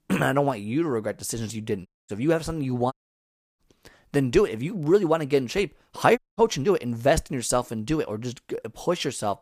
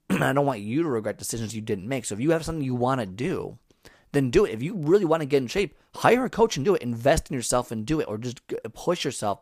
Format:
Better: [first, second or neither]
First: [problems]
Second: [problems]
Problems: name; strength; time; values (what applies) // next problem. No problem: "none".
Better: second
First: audio cutting out; at 2 s, at 3 s for 0.5 s and at 6 s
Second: none